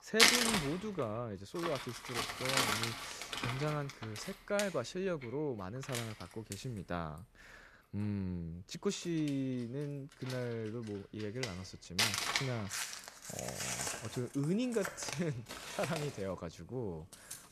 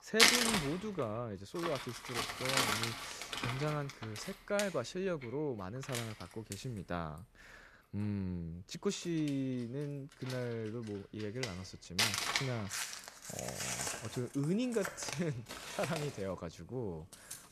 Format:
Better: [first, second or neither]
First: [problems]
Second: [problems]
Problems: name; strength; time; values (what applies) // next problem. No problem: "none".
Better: neither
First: household noises; very loud; throughout; 4 dB above the speech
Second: household noises; very loud; throughout; 4 dB above the speech